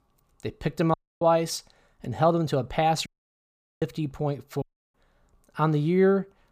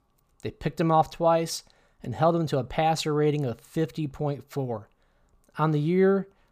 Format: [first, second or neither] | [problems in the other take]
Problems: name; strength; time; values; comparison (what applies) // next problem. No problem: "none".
second | audio cutting out; at 1 s, at 3 s for 1 s and at 4.5 s